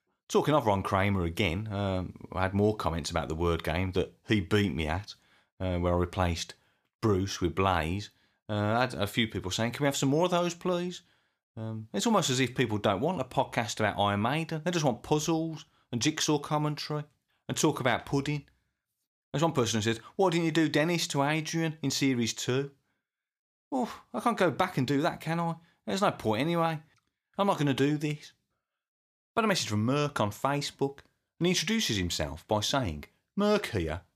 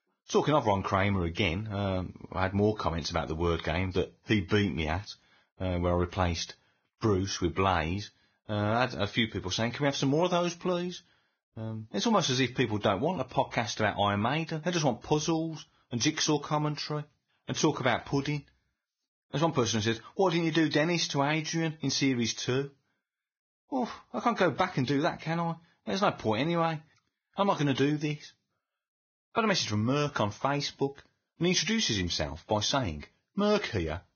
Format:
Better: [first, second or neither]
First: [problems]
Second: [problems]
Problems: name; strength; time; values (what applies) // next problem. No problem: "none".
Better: first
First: none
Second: garbled, watery; badly; nothing above 6.5 kHz